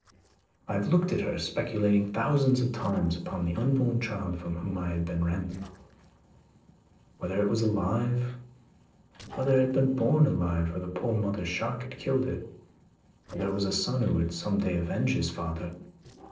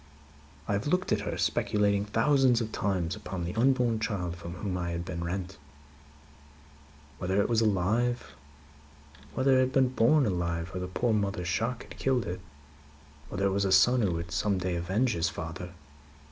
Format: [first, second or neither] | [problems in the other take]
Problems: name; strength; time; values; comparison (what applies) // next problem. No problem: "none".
second | noise reduction (neural separator model SepFormer DNS4)